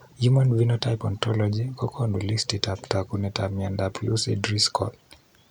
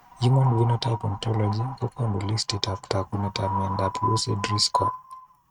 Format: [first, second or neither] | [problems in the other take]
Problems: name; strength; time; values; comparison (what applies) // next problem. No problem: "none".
first | noise reduction (neural mask model RNNoise)